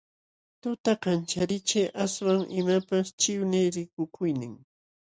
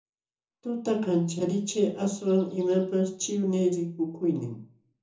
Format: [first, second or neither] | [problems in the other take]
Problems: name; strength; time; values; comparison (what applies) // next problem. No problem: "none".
first | room echo; dies away in 0.7 s